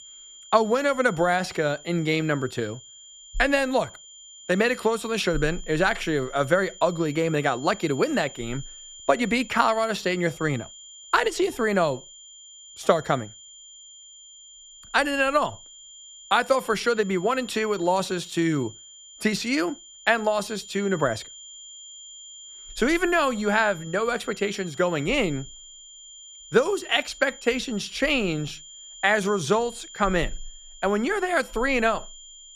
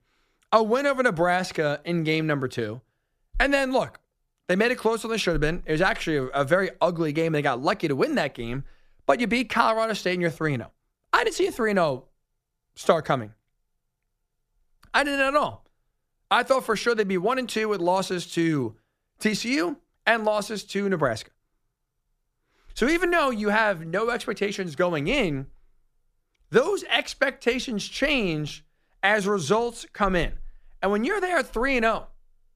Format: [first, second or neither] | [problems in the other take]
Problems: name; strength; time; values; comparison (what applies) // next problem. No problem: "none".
second | high-pitched whine; noticeable; throughout; 3 kHz, 20 dB below the speech